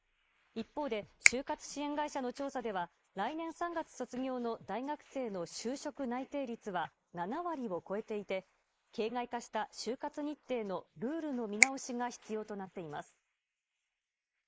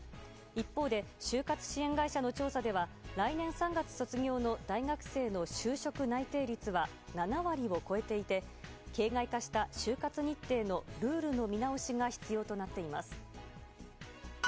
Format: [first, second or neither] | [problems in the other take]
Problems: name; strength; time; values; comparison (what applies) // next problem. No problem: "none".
second | noise reduction (neural mask model Resemble Enhance denoiser)